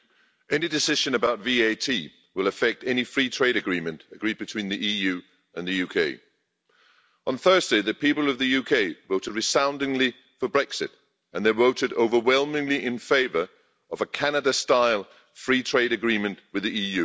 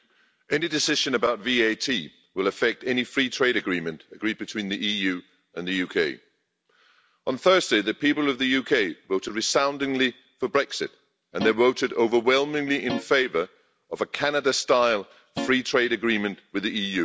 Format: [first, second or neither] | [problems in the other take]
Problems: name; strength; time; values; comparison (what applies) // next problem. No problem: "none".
first | background sound (Guitar); 8 dB below the speech